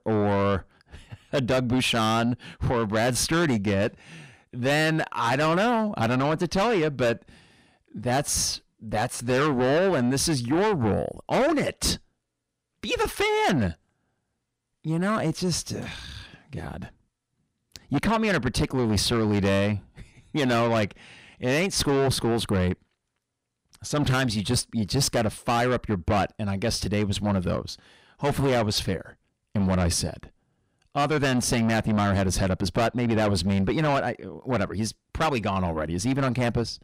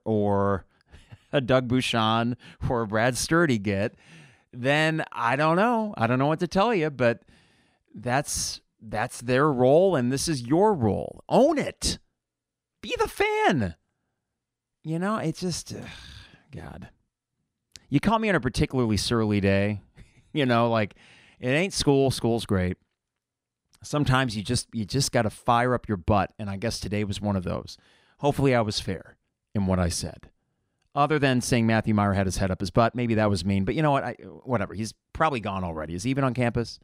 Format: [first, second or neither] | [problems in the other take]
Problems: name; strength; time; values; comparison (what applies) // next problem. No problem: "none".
second | distortion; heavy; 7 dB below the speech